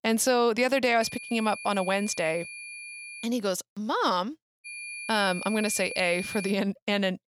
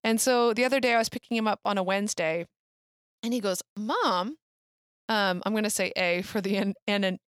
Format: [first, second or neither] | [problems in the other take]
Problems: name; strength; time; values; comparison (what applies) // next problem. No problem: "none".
second | high-pitched whine; noticeable; from 1 to 3.5 s and from 4.5 to 6.5 s; 2.5 kHz, 10 dB below the speech